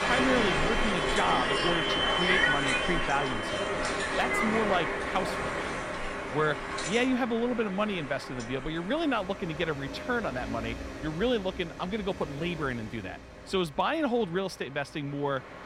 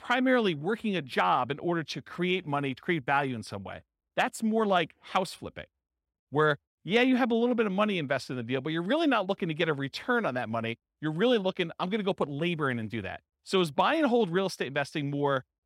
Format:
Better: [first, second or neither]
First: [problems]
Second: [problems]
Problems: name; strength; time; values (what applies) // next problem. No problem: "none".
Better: second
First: train or aircraft noise; very loud; throughout; 1 dB above the speech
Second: none